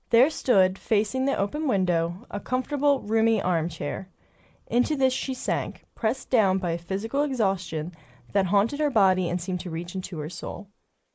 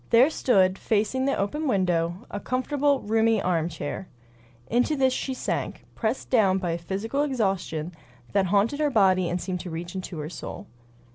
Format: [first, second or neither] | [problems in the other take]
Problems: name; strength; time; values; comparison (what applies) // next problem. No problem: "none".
second | noise reduction (neural mask model Resemble Enhance denoiser)